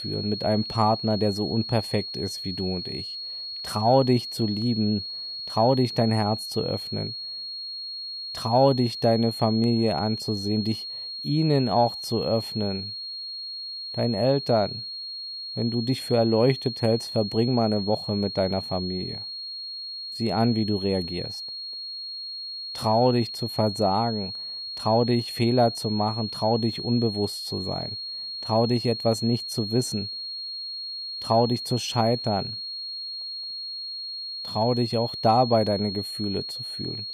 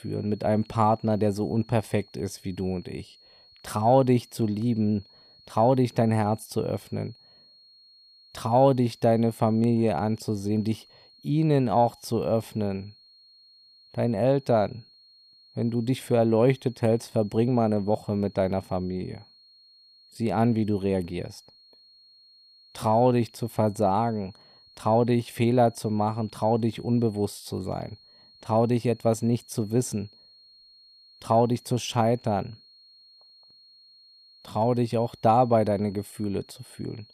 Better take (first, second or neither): second